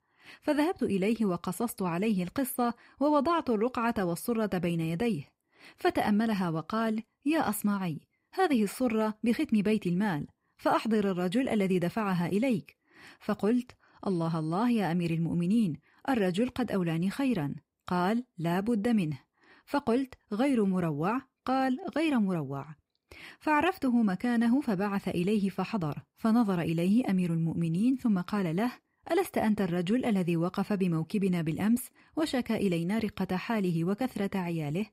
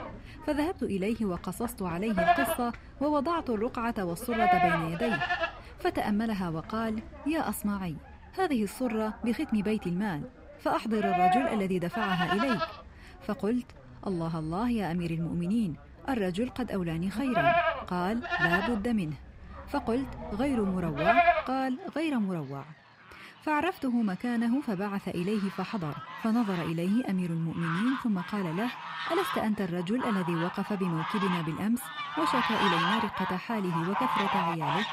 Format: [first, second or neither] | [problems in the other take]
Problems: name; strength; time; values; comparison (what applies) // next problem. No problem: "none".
first | animal sounds; very loud; throughout; 1 dB above the speech